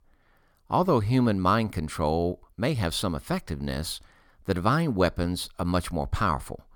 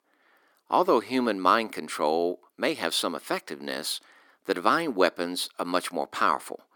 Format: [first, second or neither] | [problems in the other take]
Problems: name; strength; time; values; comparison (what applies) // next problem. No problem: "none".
first | thin; somewhat; fading below 300 Hz